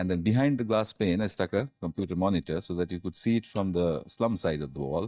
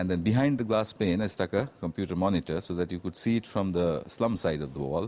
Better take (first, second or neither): second